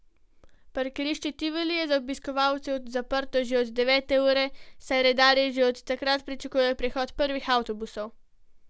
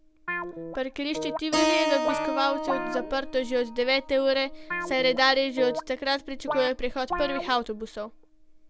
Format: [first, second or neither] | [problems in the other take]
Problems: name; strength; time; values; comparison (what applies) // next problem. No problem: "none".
first | background sound (Guitar + Keyboard (musical)); 4 dB below the speech